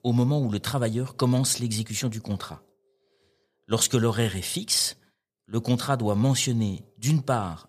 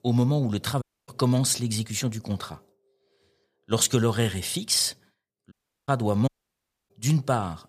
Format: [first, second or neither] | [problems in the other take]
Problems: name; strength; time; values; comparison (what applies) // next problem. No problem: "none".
first | audio cutting out; at 1 s, at 5.5 s and at 6.5 s for 0.5 s